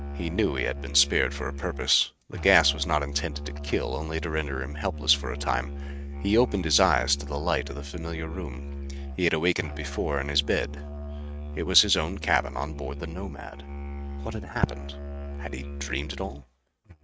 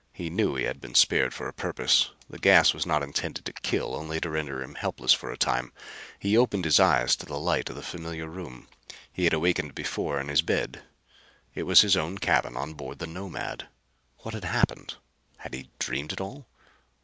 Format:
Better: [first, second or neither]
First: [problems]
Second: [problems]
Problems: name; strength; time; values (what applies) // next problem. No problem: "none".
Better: second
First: noise reduction (neural mask model RNNoise)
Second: none